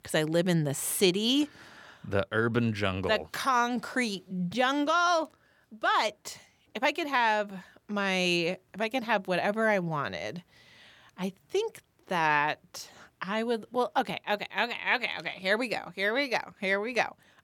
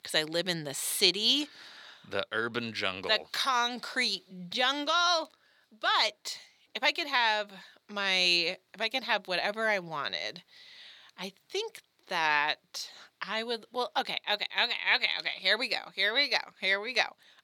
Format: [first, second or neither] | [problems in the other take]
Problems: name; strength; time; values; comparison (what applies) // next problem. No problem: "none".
first | thin; very slightly; fading below 1 kHz